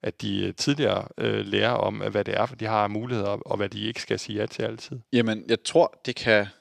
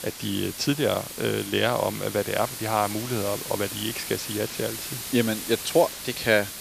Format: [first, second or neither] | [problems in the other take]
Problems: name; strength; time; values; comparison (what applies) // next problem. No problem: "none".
first | hiss; loud; throughout; 7 dB below the speech